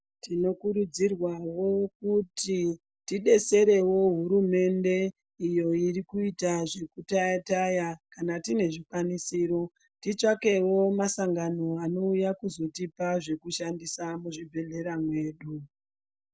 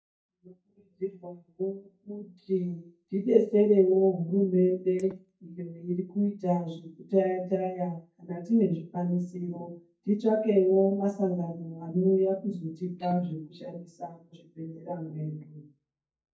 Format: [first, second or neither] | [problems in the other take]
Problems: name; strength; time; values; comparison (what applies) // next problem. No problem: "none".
first | noise reduction (neural mask model DeepFilterNet 3)